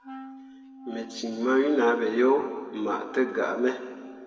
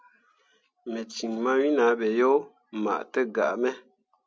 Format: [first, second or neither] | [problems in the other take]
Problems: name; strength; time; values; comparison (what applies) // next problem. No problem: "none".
second | background sound (Wind instrument, woodwind instrument); 18 dB below the speech // room echo; dies away in 1.9 s